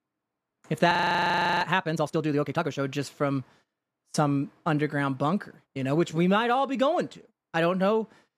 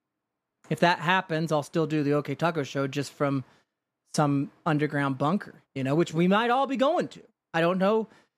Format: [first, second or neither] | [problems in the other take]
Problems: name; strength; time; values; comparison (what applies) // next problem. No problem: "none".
second | audio freezing; at 1 s for 0.5 s